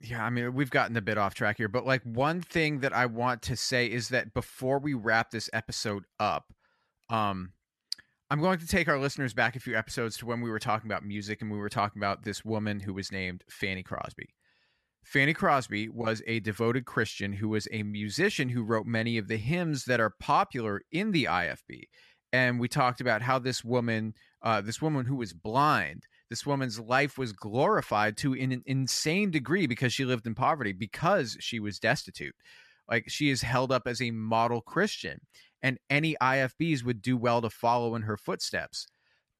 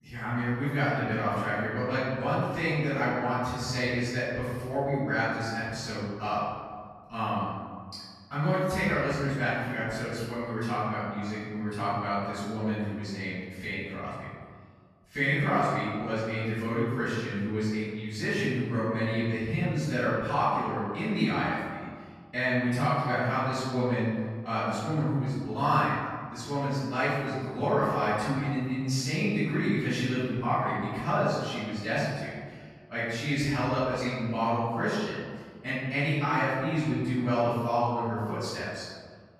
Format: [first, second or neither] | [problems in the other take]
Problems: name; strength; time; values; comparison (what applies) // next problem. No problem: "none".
first | off-mic speech; far // room echo; strong; dies away in 1.7 s